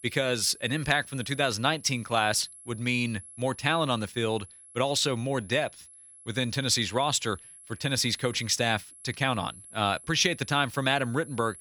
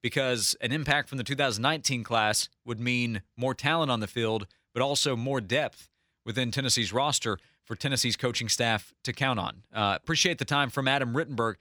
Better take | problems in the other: second | high-pitched whine; noticeable; throughout; 11 kHz, 20 dB below the speech

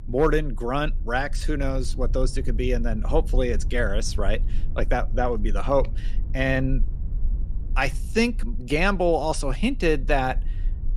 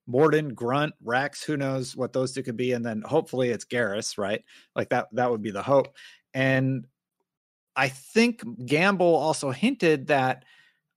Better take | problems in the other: second | low rumble; faint; throughout; 25 dB below the speech

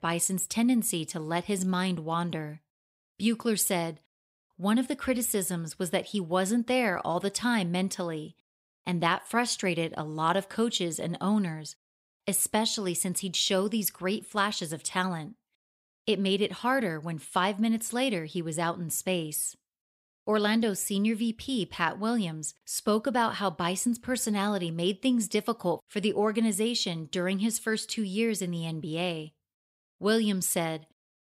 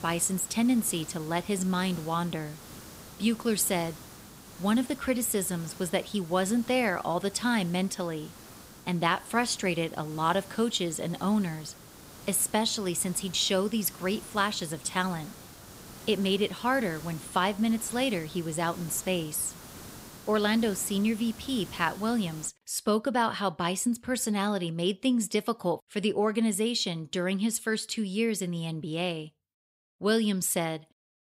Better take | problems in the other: first | hiss; noticeable; until 22 s; 15 dB below the speech

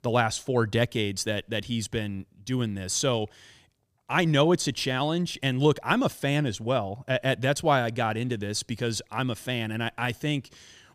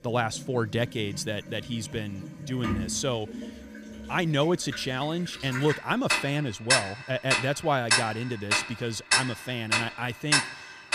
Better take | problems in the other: first | household noises; very loud; throughout; 2 dB above the speech

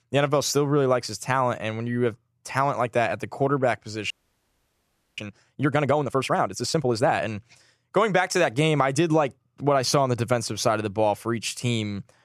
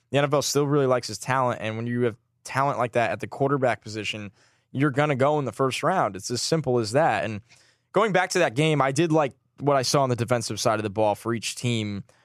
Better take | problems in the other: second | audio freezing; at 4 s for 1 s

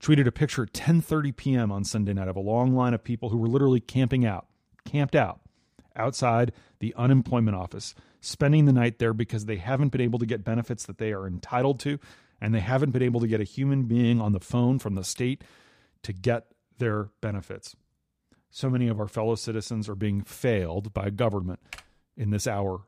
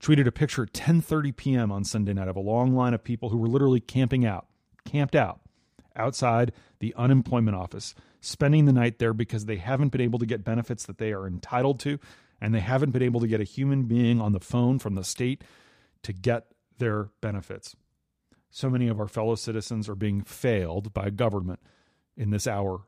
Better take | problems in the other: second | keyboard typing; faint; at 22 s; peak 20 dB below the speech

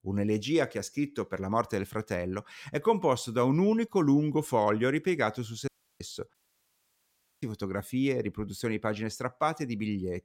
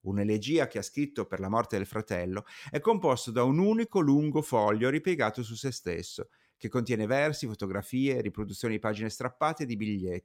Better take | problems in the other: second | audio cutting out; at 5.5 s and at 6.5 s for 1 s

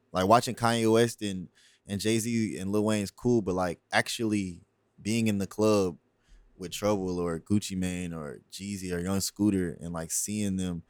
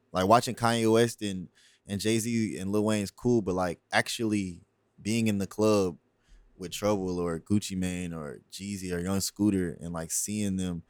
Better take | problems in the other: neither | none

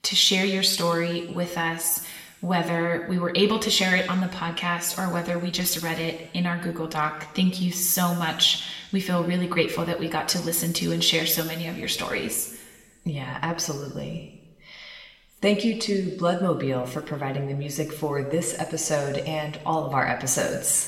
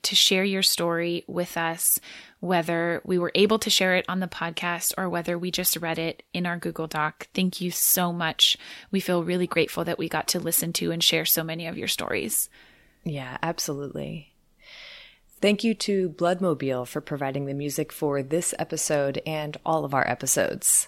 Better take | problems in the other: second | room echo; slight; dies away in 1 s

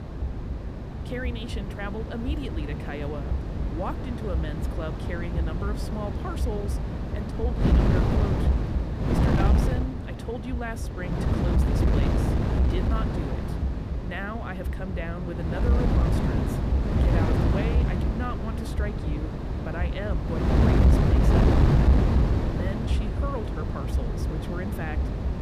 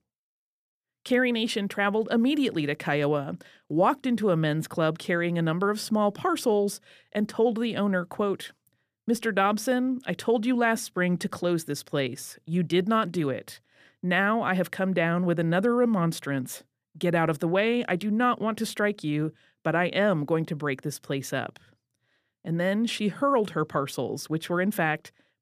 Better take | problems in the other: second | wind noise on the microphone; heavy; 3 dB above the speech

